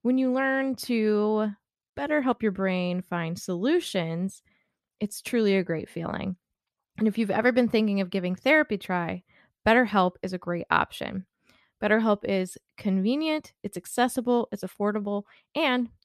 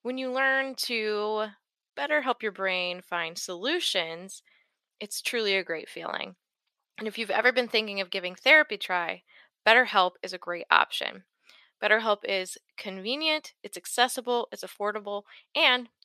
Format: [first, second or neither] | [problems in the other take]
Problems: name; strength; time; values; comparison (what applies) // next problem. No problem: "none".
first | thin; somewhat; fading below 550 Hz